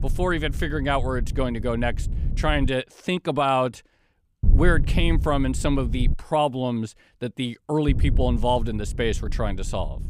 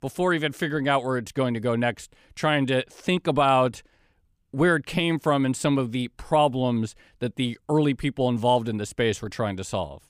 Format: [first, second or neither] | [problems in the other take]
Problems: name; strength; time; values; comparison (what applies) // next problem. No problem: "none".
second | low rumble; noticeable; until 2.5 s, from 4.5 to 6 s and from 8 s on; 20 dB below the speech